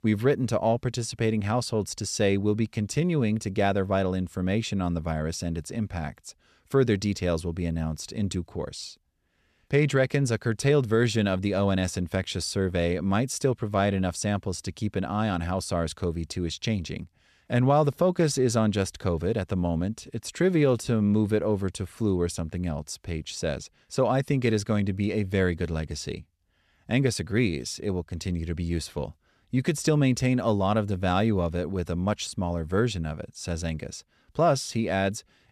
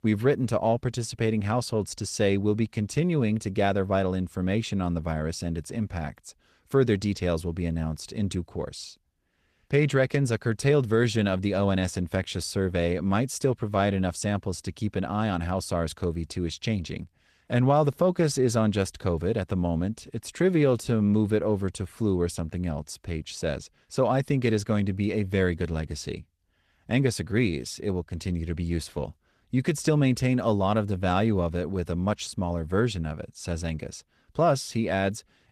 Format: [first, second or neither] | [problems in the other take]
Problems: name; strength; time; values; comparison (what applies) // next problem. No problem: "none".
first | garbled, watery; slightly; nothing above 14 kHz